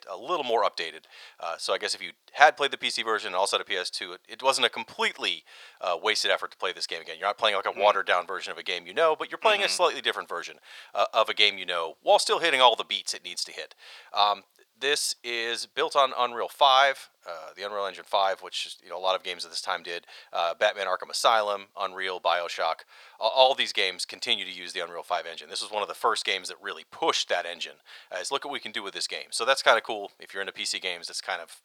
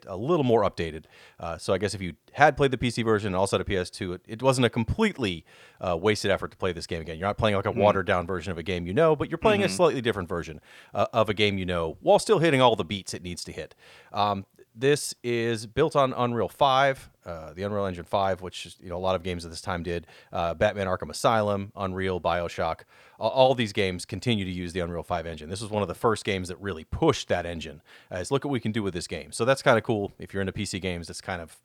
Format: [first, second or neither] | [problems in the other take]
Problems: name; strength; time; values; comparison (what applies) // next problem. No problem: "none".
second | thin; very; fading below 800 Hz